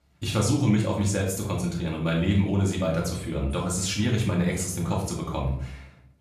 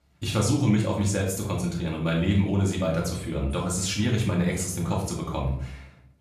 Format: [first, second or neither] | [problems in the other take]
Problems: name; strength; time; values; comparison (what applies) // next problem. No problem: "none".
neither | room echo; slight; dies away in 0.5 s; the same in both // off-mic speech; far; the same in both